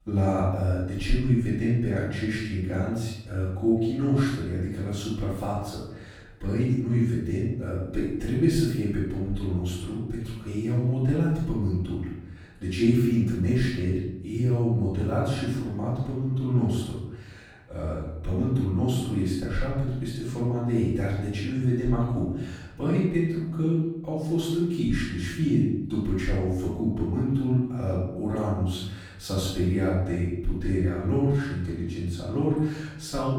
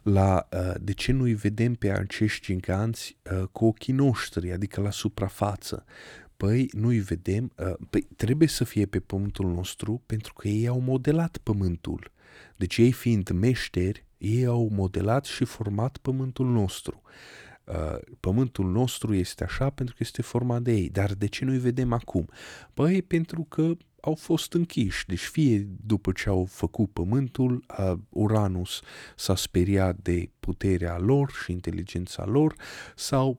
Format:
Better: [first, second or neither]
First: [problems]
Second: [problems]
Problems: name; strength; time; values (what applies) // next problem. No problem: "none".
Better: second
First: off-mic speech; far // room echo; strong; dies away in 0.9 s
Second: none